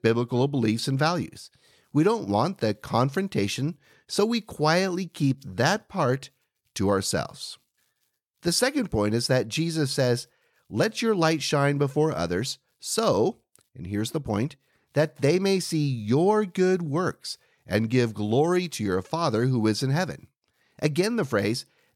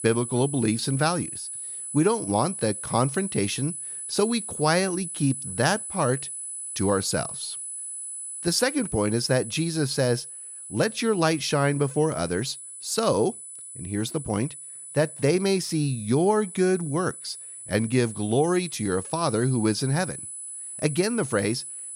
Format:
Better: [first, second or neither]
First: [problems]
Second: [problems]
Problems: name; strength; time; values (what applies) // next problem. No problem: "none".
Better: first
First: none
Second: high-pitched whine; loud; throughout; 10 kHz, 9 dB below the speech